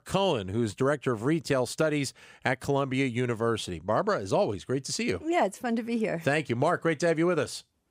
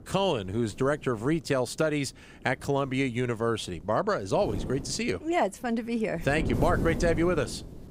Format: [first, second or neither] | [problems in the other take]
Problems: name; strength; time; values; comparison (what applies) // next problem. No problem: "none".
first | wind noise on the microphone; occasional gusts; 10 dB below the speech